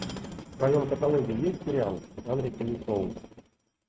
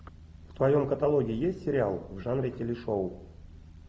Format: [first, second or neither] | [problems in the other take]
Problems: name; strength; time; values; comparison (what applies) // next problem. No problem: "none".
second | noise reduction (neural mask model RNNoise)